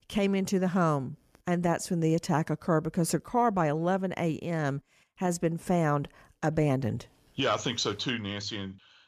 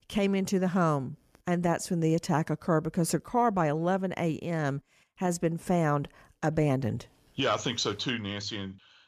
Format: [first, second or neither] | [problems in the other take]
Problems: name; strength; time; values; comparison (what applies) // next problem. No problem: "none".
neither | none